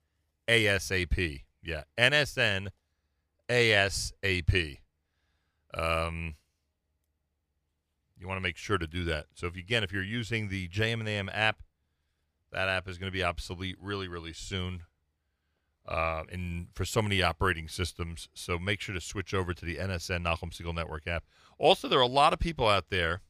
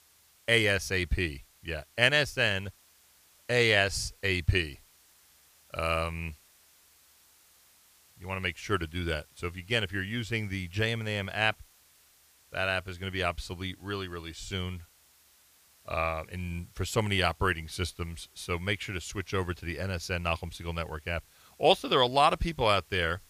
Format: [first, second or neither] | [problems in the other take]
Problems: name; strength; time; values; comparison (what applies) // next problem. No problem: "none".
first | hiss; faint; throughout; 30 dB below the speech